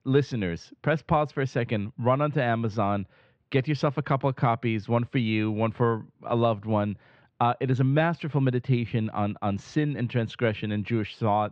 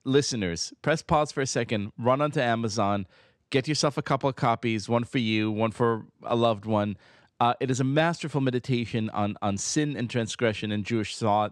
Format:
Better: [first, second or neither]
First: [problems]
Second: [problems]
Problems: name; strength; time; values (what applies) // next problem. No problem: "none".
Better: second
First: muffled; very; fading above 3 kHz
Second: none